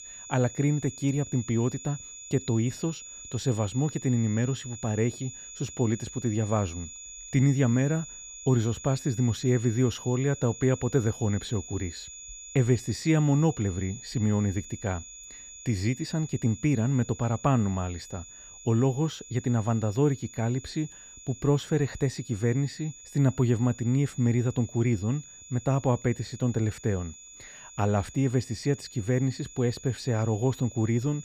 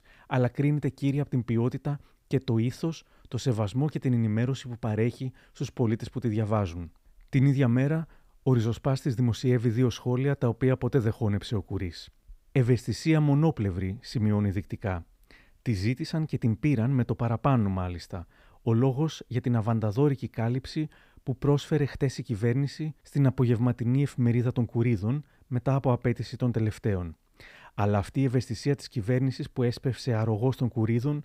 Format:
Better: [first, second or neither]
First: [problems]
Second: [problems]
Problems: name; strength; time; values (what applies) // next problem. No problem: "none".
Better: second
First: high-pitched whine; noticeable; throughout; 7 kHz, 15 dB below the speech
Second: none